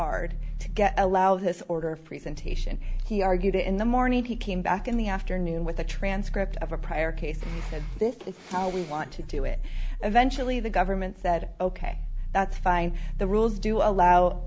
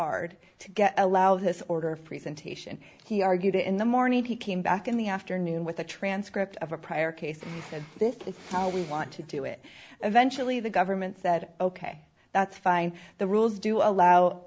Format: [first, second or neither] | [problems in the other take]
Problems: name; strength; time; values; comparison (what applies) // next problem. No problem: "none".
second | background sound (Growling); 4 dB below the speech